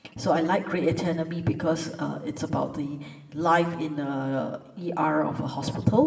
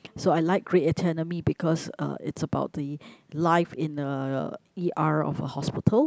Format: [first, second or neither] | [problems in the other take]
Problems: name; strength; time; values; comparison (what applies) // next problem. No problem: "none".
second | room echo; dies away in 1.1 s